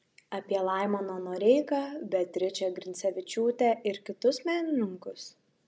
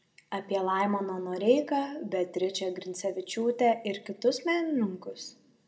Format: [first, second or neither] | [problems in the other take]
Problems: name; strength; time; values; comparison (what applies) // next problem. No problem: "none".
first | room echo; dies away in 0.5 s